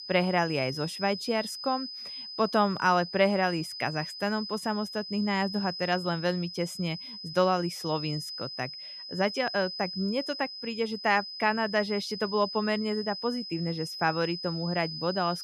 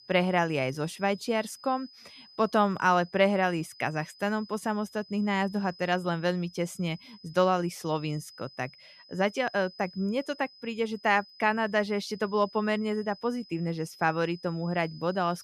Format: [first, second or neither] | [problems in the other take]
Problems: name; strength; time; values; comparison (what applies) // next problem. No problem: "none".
second | high-pitched whine; loud; throughout; 5 kHz, 8 dB below the speech; faint in the second